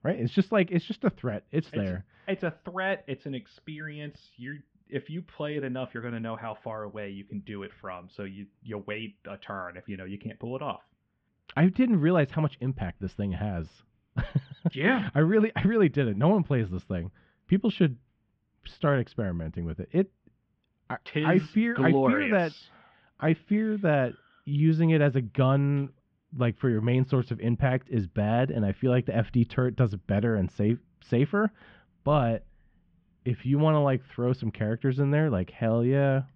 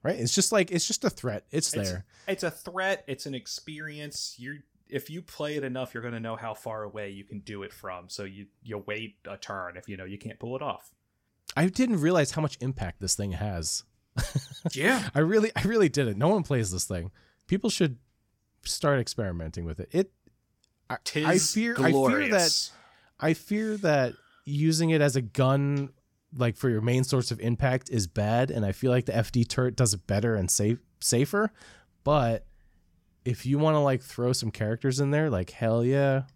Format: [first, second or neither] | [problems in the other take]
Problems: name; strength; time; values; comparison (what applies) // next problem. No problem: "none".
second | muffled; very; fading above 3 kHz